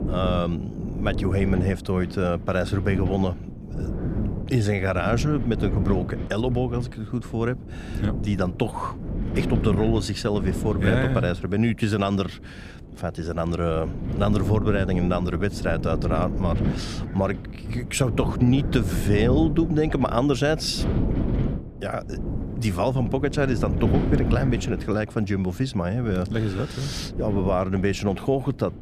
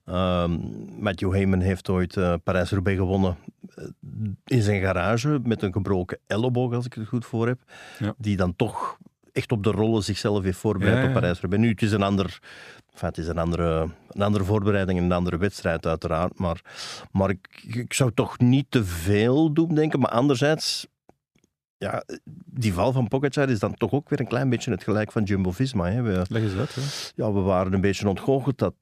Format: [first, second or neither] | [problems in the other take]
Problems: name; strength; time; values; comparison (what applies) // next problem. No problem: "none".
second | wind noise on the microphone; heavy; 9 dB below the speech